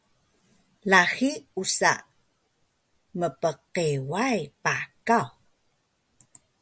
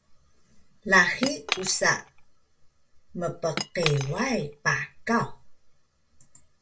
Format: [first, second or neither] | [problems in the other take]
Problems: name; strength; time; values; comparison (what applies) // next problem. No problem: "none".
first | background sound (Cutlery, silverware / Chink, clink); 9 dB below the speech // room echo; dies away in 0.2 s